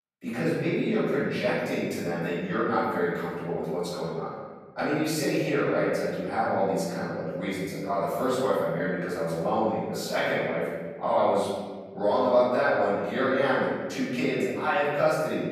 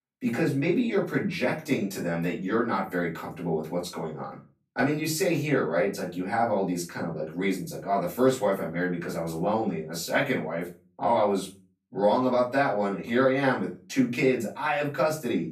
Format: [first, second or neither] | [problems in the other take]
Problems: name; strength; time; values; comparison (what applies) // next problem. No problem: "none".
second | room echo; strong; dies away in 1.4 s; slight in the second // off-mic speech; far; far in the second